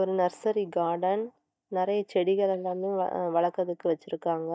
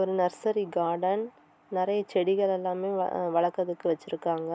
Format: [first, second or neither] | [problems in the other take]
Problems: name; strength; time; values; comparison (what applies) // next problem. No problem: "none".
second | noise reduction (neural mask model DeepFilterNet 3)